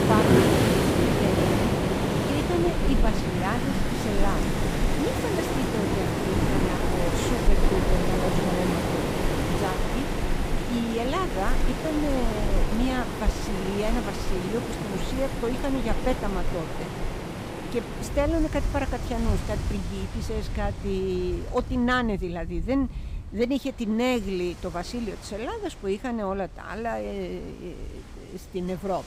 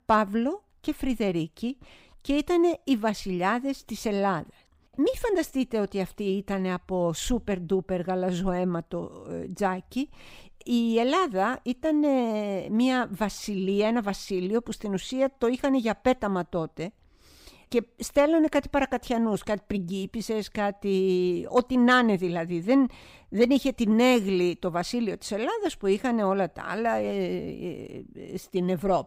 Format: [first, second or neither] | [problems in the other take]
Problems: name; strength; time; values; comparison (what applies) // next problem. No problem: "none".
second | rain or running water; very loud; throughout; 3 dB above the speech